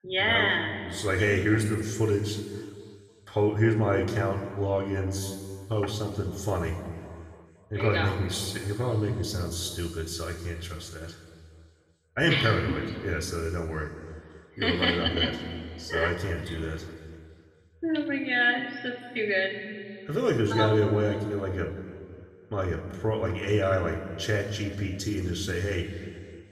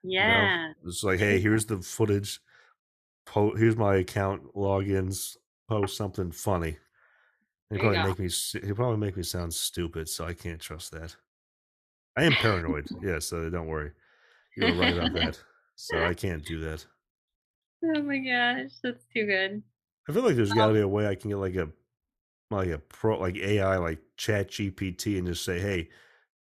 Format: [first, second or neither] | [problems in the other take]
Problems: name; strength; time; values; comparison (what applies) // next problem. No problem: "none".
second | room echo; noticeable; dies away in 2 s // off-mic speech; somewhat distant